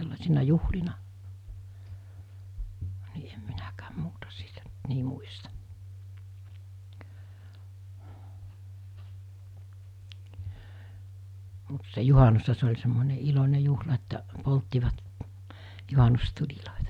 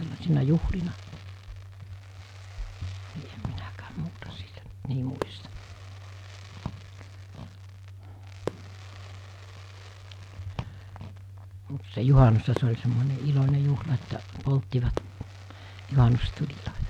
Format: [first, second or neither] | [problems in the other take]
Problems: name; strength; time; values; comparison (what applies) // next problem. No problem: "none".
first | background sound (Fireworks); 15 dB below the speech